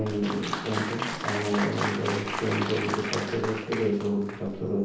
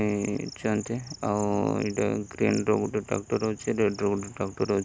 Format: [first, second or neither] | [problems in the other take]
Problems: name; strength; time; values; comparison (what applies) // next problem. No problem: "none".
second | background sound (Applause); 5 dB below the speech // room echo; dies away in 0.9 s